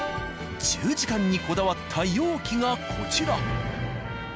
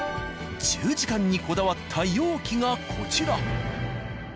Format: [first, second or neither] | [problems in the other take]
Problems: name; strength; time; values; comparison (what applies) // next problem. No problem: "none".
second | background sound (Trumpet); 14 dB below the speech